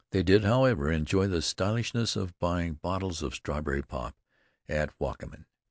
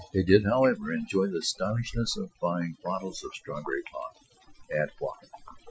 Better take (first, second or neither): first